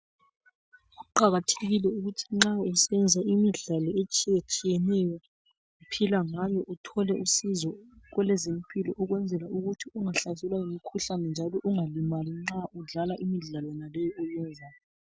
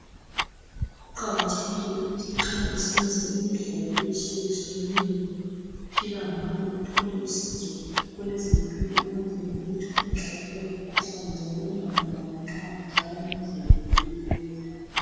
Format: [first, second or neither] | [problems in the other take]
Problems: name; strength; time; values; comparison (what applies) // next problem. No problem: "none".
first | background sound (Tick-tock); 1 dB above the speech // room echo; dies away in 2.1 s